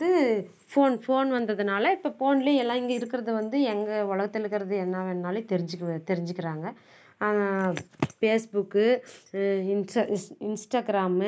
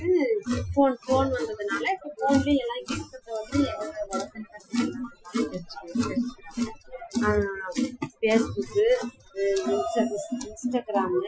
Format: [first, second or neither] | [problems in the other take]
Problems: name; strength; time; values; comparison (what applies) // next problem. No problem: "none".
first | noise reduction (classical method Wiener filter)